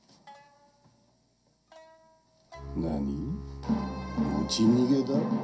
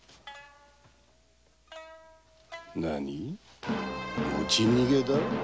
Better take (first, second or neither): second